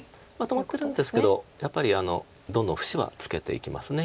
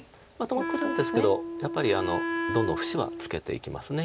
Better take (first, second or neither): first